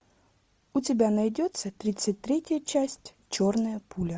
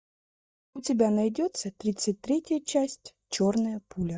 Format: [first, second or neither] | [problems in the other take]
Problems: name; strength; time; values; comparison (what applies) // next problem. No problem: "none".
first | noise reduction (neural mask model DeepFilterNet 3)